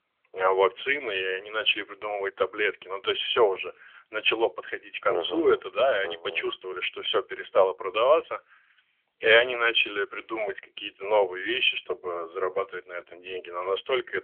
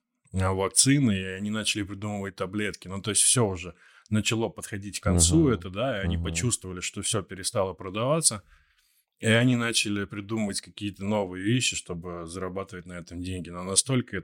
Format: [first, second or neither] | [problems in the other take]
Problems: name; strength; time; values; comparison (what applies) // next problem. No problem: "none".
second | phone-call audio; nothing above 3.5 kHz